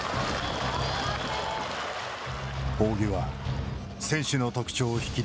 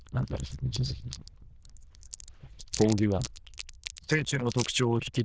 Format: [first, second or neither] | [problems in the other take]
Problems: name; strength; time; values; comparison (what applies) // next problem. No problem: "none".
first | noise reduction (neural diffusion model UNIVERSE++)